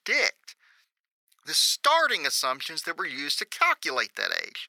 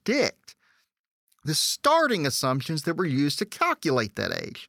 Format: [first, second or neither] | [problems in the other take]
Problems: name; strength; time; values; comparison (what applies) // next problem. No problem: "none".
second | thin; very; fading below 750 Hz